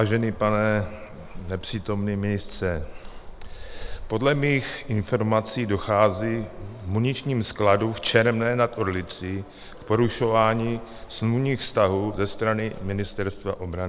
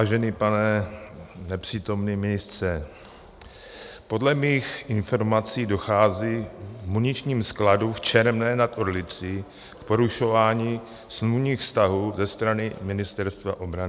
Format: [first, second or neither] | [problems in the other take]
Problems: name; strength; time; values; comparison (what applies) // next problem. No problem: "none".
second | background sound (Traffic noise, roadway noise); 14 dB below the speech